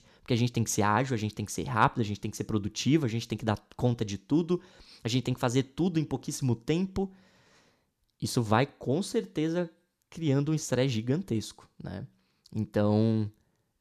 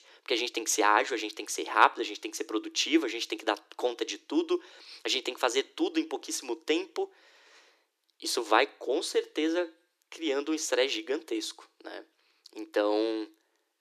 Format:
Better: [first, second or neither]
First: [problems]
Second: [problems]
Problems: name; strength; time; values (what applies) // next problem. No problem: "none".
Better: first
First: none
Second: thin; very; fading below 300 Hz